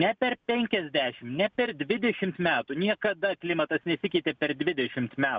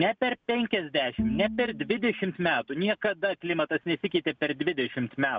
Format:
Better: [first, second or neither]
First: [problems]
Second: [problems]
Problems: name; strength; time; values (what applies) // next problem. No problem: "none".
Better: first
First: none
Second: background sound (Bowed string instrument); 8 dB below the speech